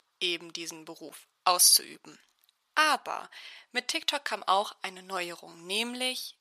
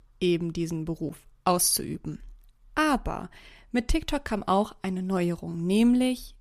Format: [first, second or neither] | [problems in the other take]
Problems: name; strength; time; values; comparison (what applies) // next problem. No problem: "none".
second | thin; very; fading below 800 Hz